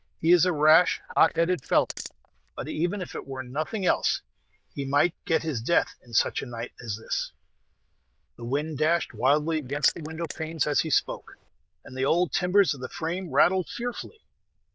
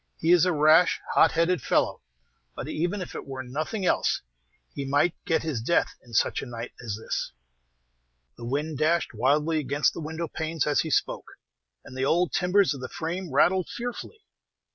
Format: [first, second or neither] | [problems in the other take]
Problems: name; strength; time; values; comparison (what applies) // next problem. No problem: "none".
second | noise reduction (neural diffusion model UNIVERSE++)